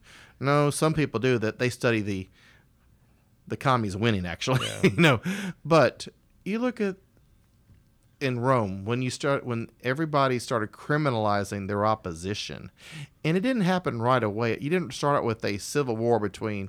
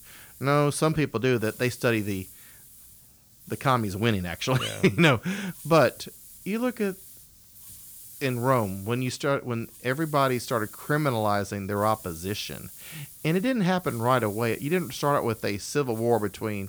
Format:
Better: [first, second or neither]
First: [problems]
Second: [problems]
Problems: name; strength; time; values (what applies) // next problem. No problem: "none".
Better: first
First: none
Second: hiss; noticeable; throughout; 20 dB below the speech